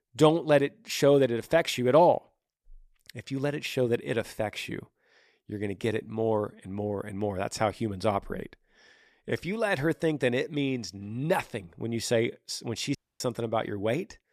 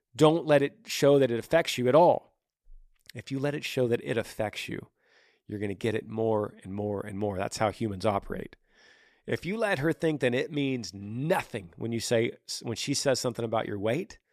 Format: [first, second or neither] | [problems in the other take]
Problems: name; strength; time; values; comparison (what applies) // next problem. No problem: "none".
second | audio cutting out; at 13 s